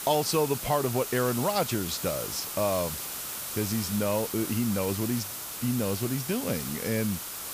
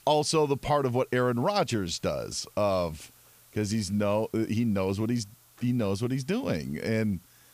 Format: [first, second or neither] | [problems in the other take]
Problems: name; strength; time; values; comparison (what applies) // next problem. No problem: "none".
second | hiss; loud; throughout; 4 dB below the speech; faint in the second